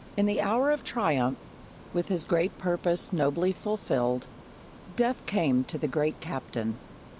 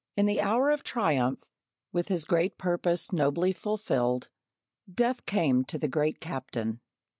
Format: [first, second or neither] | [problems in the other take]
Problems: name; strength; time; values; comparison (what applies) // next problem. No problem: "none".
second | background sound (Ocean); 19 dB below the speech